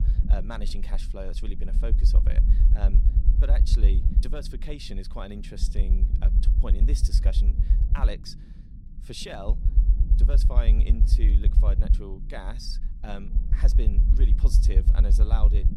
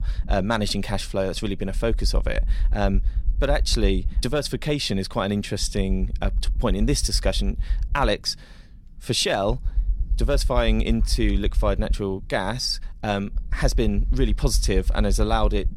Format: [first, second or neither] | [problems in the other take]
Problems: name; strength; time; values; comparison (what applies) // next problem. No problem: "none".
second | low rumble; loud; throughout; 5 dB below the speech; faint in the second